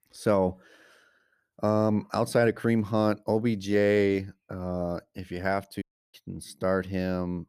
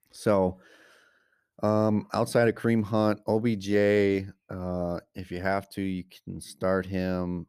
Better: second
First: audio cutting out; at 6 s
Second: none

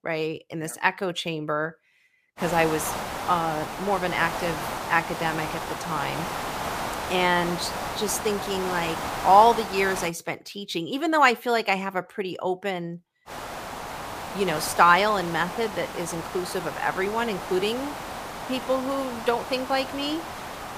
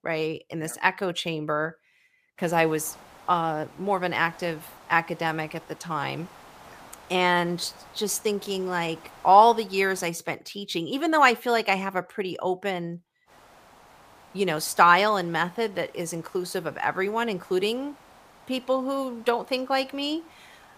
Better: second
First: hiss; loud; from 2.5 to 10 s and from 13 s on; 7 dB below the speech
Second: hiss; faint; from 2.5 to 10 s and from 13 s on; 25 dB below the speech

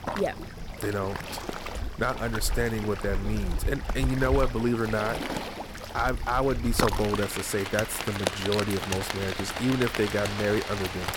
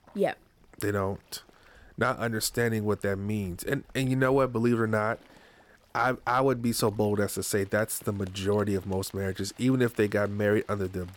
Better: second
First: rain or running water; loud; throughout; 4 dB below the speech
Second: rain or running water; faint; throughout; 30 dB below the speech

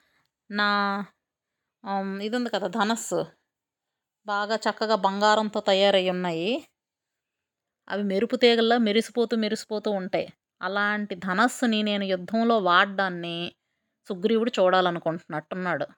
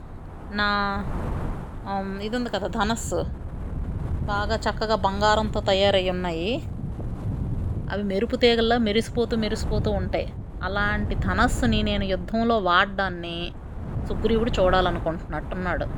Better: first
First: none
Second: wind noise on the microphone; occasional gusts; 15 dB below the speech

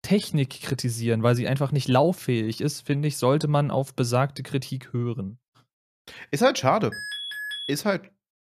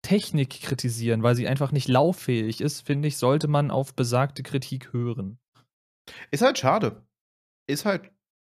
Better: second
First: alarm; noticeable; at 7 s; peak 6 dB below the speech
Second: none

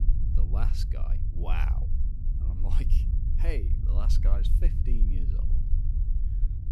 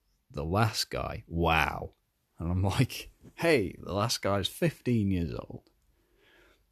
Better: second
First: low rumble; loud; throughout; 5 dB below the speech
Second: none

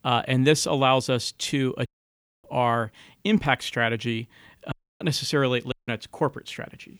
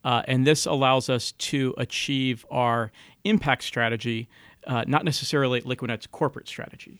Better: second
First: audio cutting out; at 2 s for 0.5 s, at 4.5 s and at 5.5 s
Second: none

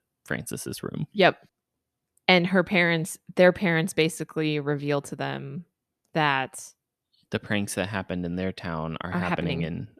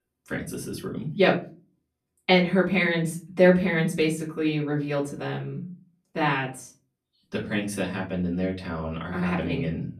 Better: first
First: none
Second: off-mic speech; far // room echo; very slight; dies away in 0.3 s

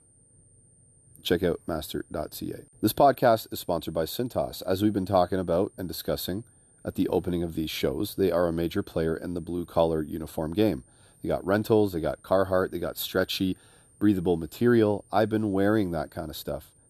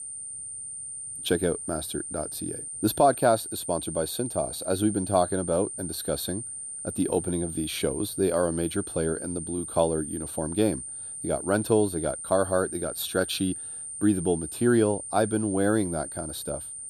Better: first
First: high-pitched whine; faint; throughout; 9 kHz, 30 dB below the speech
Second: high-pitched whine; loud; throughout; 9 kHz, 7 dB below the speech

